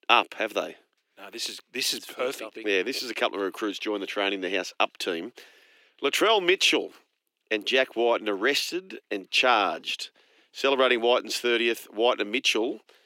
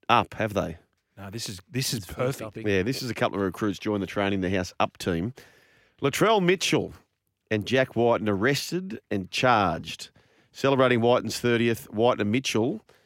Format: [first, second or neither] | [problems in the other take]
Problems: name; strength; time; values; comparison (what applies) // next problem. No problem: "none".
second | thin; somewhat; fading below 300 Hz